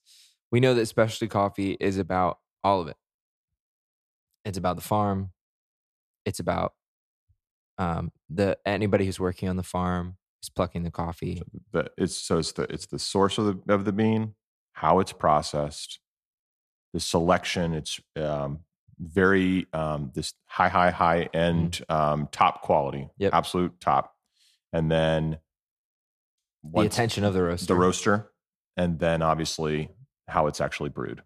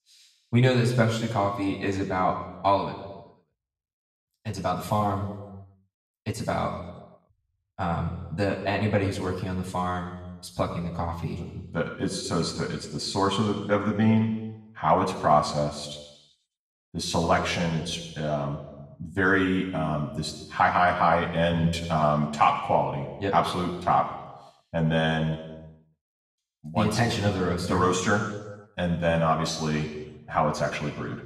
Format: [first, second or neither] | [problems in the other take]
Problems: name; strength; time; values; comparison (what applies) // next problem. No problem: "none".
first | room echo; noticeable; dies away in 1.1 s // off-mic speech; somewhat distant